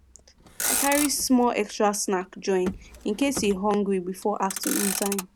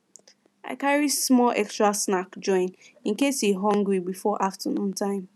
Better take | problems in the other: second | background sound (Motor vehicle (road)); 8 dB below the speech

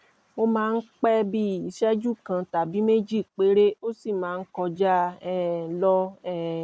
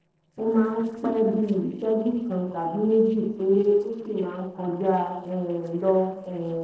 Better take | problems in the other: first | noise reduction (neural separator model SepFormer DNS4)

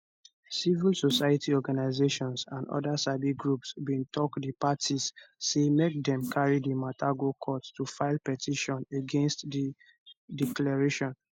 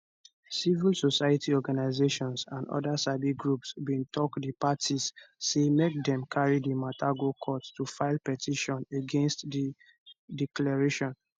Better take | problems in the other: second | noise reduction (neural mask model Resemble Enhance denoiser)

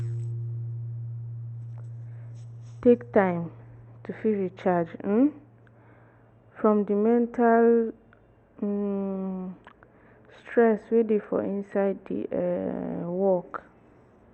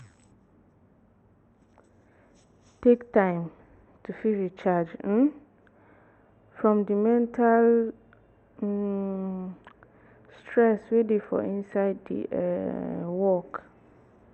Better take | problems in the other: second | background sound (Piano); 15 dB below the speech

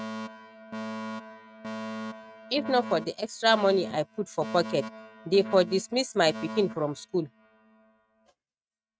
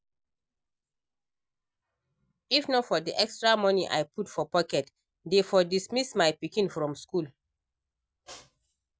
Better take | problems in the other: second | noise reduction (neural mask model RNNoise)

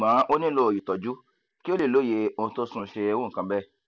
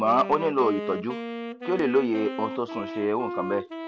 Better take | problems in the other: first | background sound (Wind instrument, woodwind instrument); 8 dB below the speech

